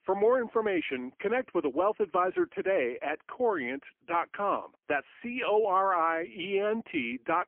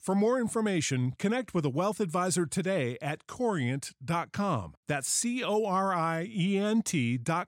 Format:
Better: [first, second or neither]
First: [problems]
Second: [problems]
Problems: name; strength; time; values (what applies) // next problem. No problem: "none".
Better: second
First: phone-call audio; poor line; nothing above 3 kHz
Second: none